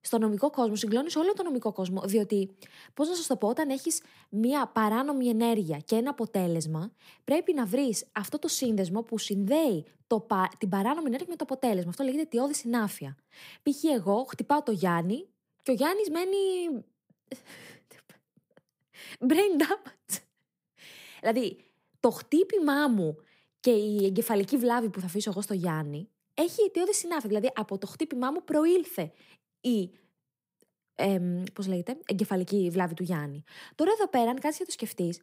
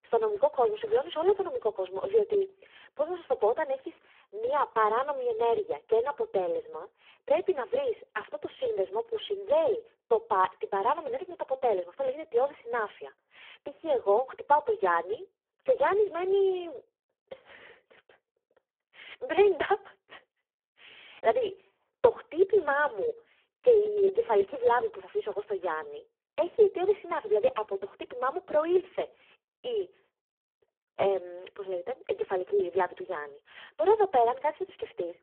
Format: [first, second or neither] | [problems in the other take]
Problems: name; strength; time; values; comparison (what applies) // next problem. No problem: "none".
first | phone-call audio; poor line